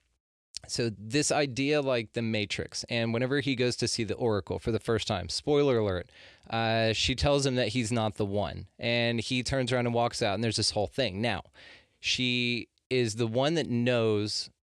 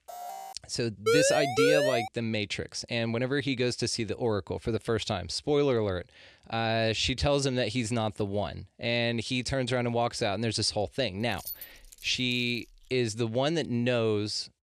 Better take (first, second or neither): first